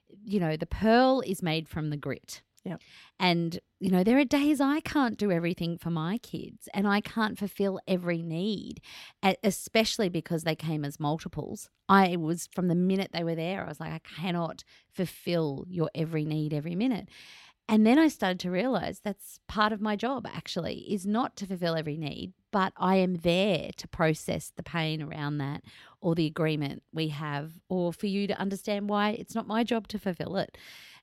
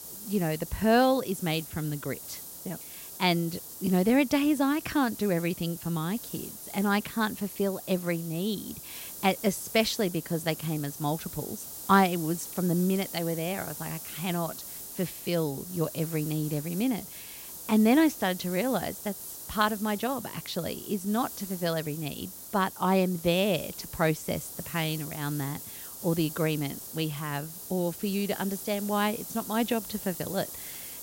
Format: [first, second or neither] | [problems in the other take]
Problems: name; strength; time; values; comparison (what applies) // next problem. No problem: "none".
first | hiss; noticeable; throughout; 10 dB below the speech